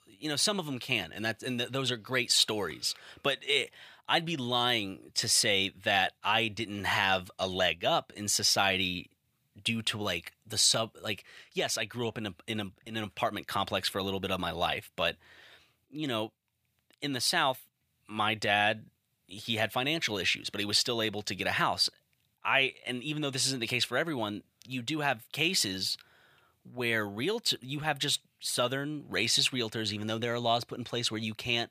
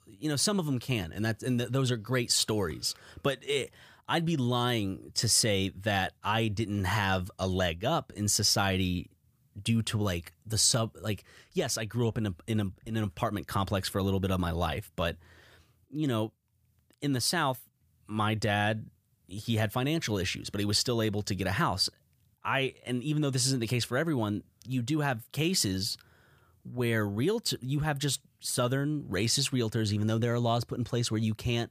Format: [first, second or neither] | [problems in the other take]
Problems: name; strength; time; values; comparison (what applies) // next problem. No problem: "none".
second | thin; somewhat; fading below 550 Hz